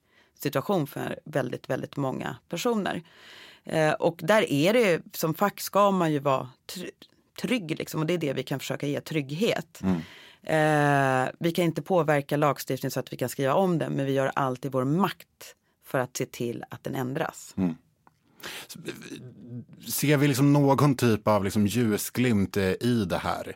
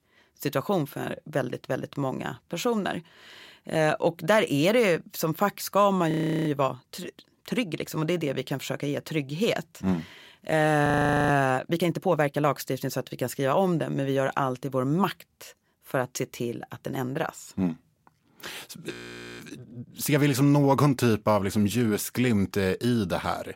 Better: first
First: none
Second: audio freezing; at 6 s, at 11 s and at 19 s

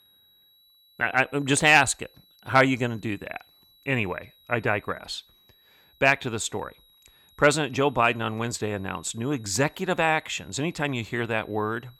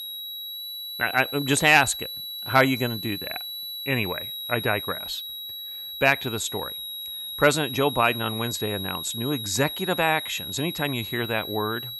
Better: first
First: high-pitched whine; faint; throughout; 4 kHz, 30 dB below the speech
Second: high-pitched whine; loud; throughout; 4 kHz, 7 dB below the speech

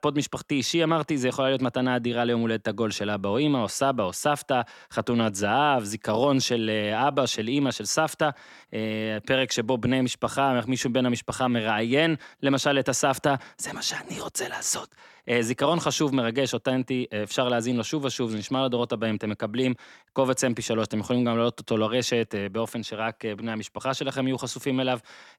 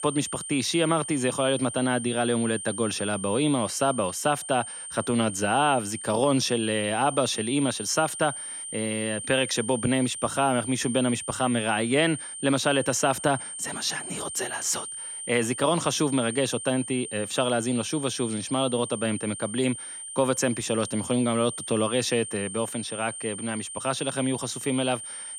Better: first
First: none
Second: high-pitched whine; loud; throughout; 9 kHz, 8 dB below the speech

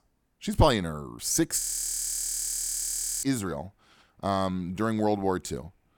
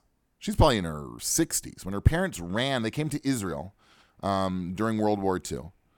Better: second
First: audio freezing; at 1.5 s for 1.5 s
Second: none

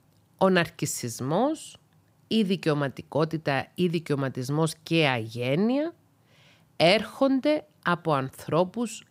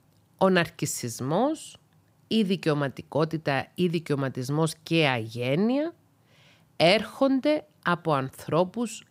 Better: neither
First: none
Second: none

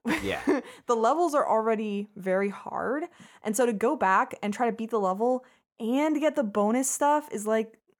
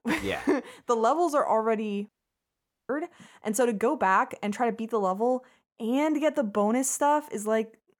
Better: first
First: none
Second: audio cutting out; at 2 s for 1 s

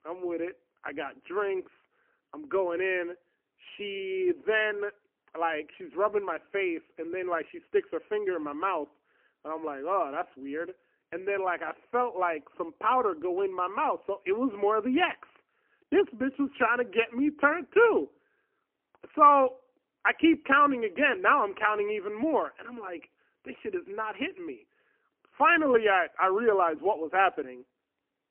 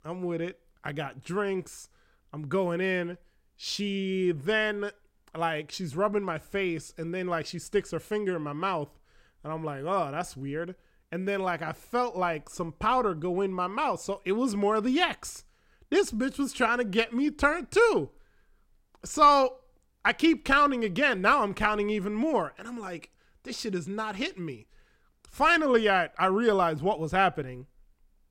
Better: second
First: phone-call audio; poor line; nothing above 3 kHz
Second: none

